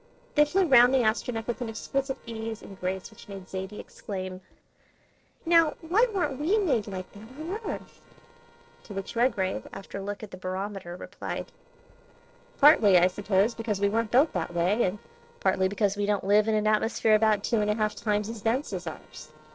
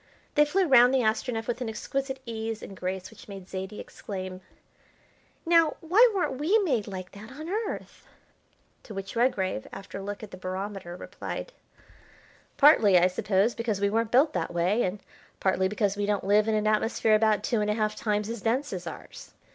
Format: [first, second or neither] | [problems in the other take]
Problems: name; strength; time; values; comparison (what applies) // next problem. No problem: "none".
second | noise reduction (neural separator model SepFormer DNS4)